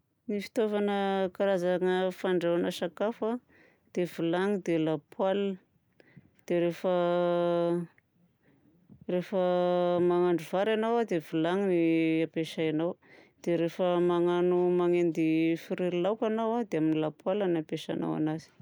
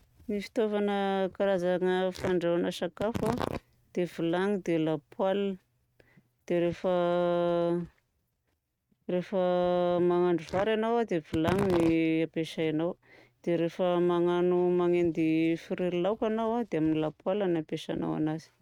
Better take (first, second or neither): first